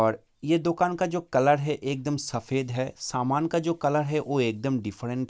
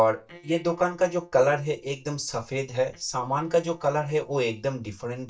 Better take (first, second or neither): first